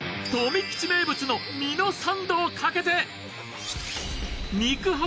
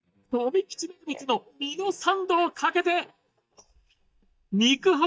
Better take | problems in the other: first | noise reduction (neural mask model DeepFilterNet 3)

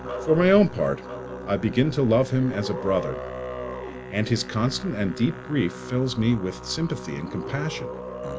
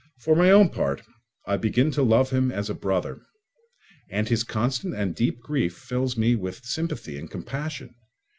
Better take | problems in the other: second | background sound (Musical instrument); 10 dB below the speech

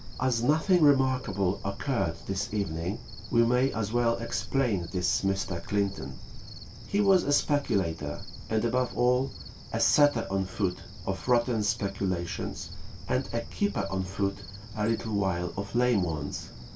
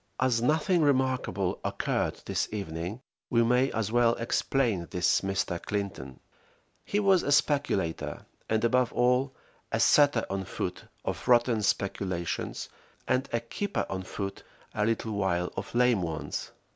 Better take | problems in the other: second | background sound (Cricket); 12 dB below the speech // room echo; dies away in 0.2 s

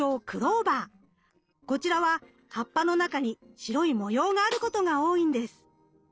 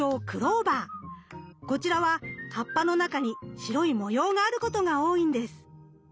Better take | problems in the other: second | noise reduction (neural separator model SepFormer DNS4)

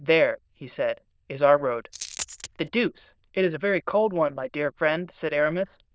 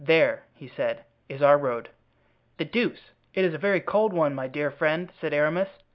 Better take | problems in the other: second | noise reduction (neural diffusion model UNIVERSE++)

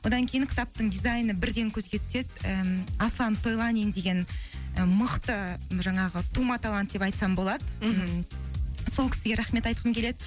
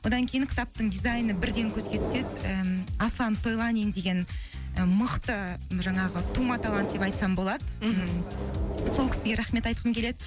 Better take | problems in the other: first | background sound (Microwave oven); 7 dB below the speech

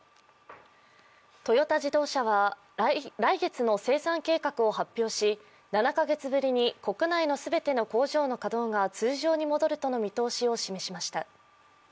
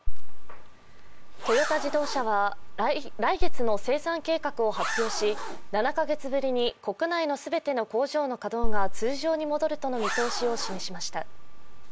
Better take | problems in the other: first | background sound (Zipper (clothing)); 4 dB above the speech

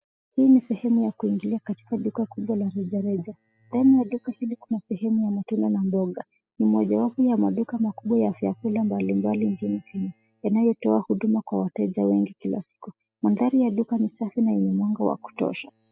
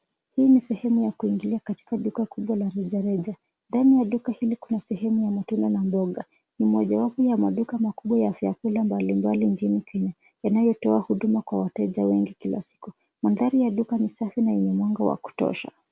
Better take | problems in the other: second | noise reduction (classical method spectral subtraction)

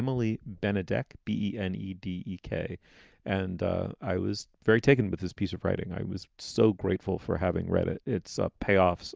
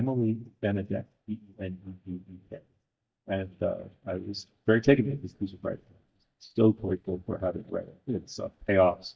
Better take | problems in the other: first | noise reduction (neural mask model DeepFilterNet 3)

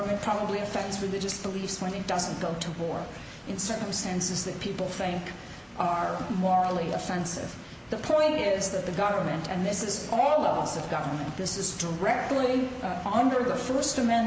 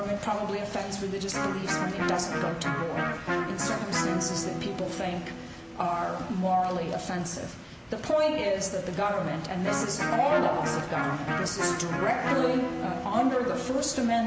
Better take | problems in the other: first | background sound (Electric guitar); 5 dB below the speech

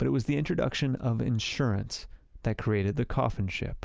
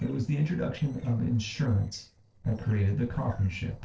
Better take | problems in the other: first | noise reduction (neural separator model SepFormer DNS4)

